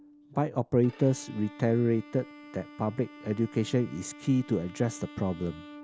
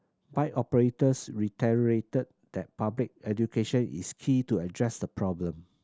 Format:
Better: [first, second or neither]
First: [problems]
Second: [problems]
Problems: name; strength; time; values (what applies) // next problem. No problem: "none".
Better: second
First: background sound (Bowed string instrument); 19 dB below the speech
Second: none